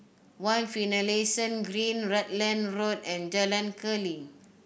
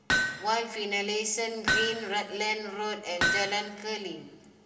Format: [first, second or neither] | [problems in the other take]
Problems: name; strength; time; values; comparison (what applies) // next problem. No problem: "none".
first | background sound (Hammer); 1 dB below the speech // room echo; dies away in 1.8 s